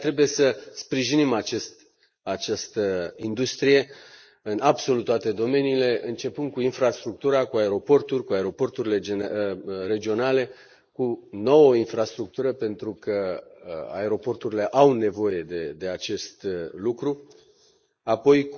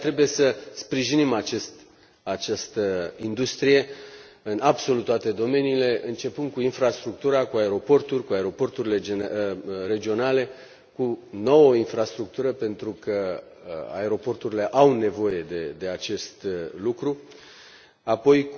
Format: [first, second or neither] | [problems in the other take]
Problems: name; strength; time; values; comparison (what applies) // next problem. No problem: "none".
second | noise reduction (neural mask model Resemble Enhance denoiser)